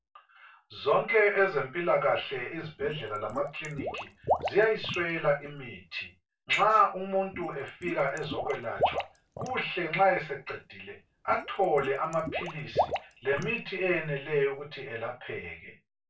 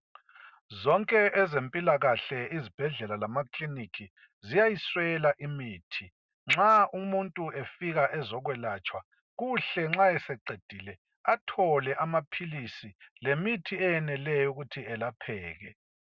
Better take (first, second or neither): second